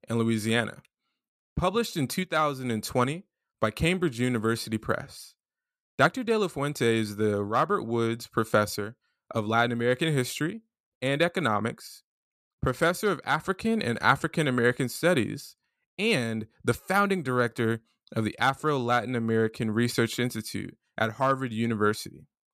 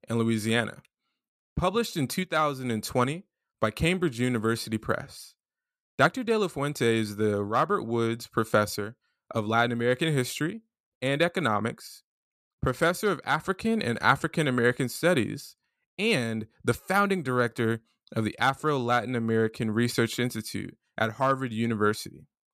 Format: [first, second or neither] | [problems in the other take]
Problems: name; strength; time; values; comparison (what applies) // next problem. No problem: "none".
neither | none